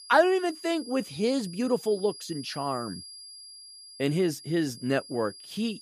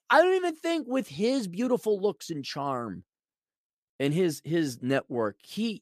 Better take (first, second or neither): second